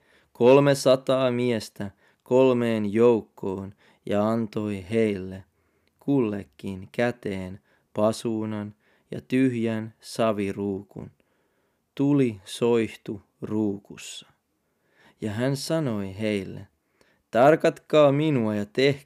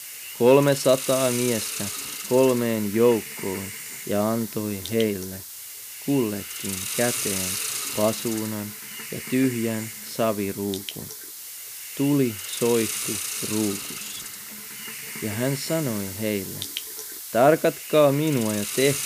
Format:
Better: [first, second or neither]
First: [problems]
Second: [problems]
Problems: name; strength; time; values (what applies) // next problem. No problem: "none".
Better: first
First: none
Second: hiss; loud; throughout; 6 dB below the speech